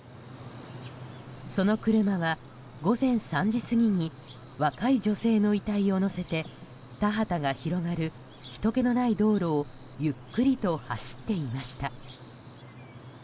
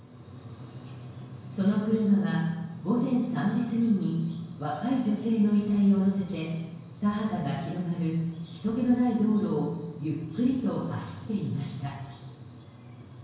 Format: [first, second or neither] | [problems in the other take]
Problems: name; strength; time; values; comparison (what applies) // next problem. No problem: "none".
first | room echo; dies away in 1 s